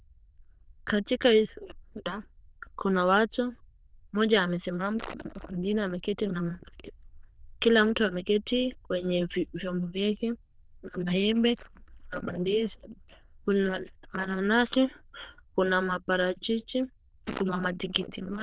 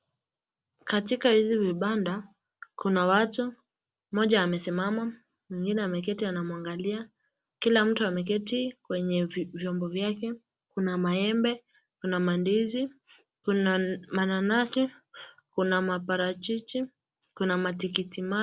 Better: second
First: noise reduction (neural diffusion model UNIVERSE++)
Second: none

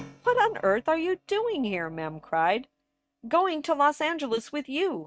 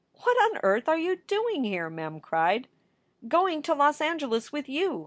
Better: second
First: noise reduction (neural mask model RNNoise)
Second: none

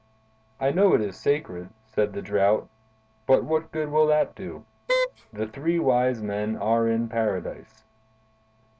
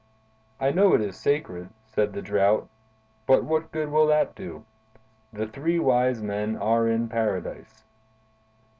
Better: second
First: background sound (Wind instrument, woodwind instrument); 2 dB below the speech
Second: none

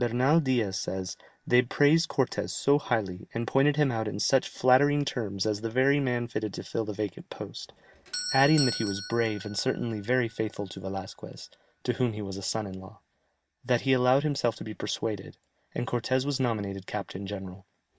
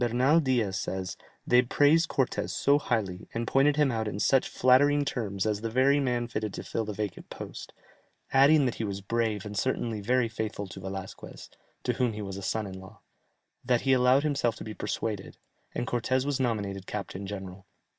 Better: second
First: background sound (Doorbell); 18 dB below the speech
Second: none

